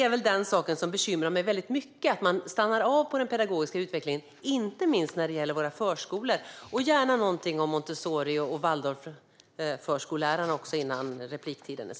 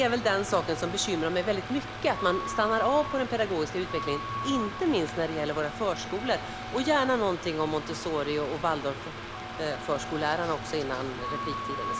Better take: first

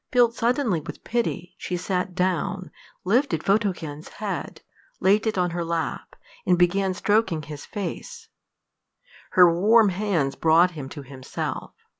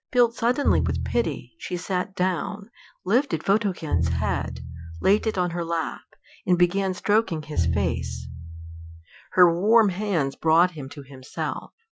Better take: first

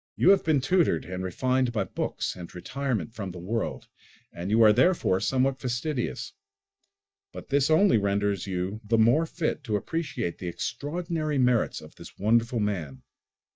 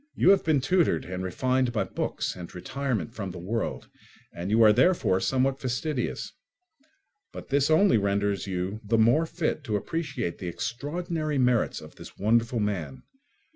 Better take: second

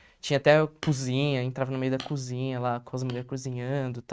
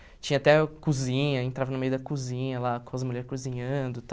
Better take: second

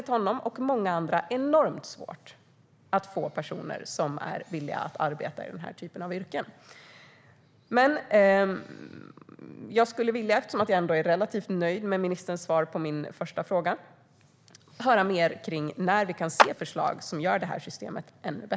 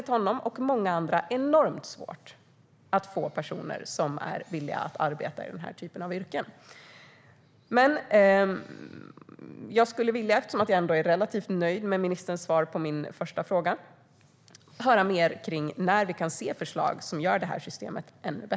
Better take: second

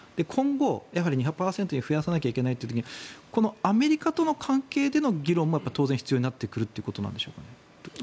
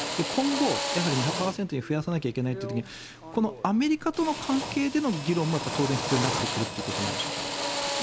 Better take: first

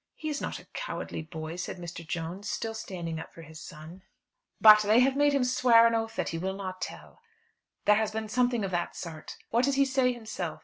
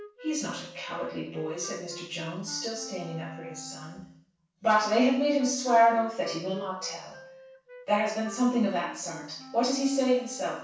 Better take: first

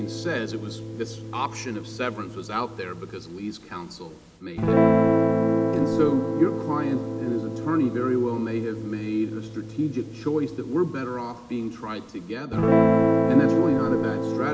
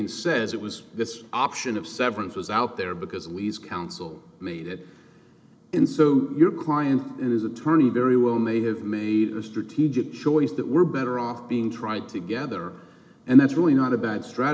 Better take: second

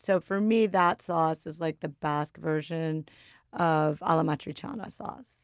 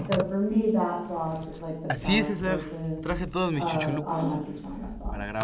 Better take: first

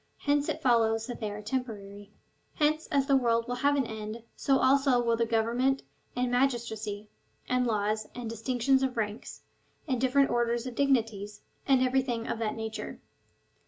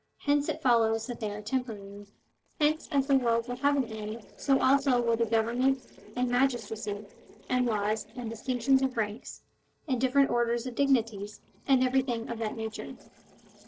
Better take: first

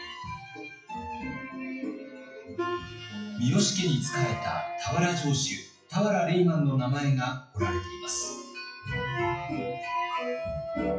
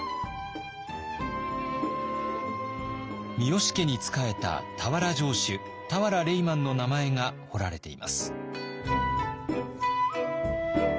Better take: second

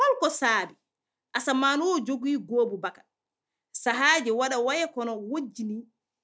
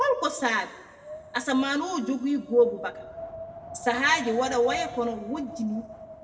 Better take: first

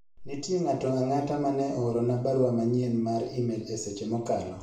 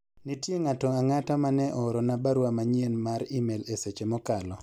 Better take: second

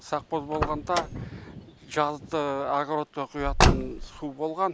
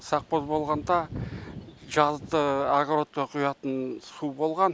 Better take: second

